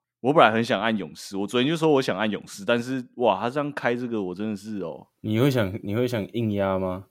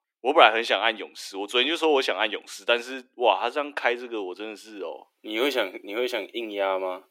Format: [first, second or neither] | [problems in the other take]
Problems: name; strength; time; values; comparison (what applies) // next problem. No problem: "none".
first | thin; somewhat; fading below 300 Hz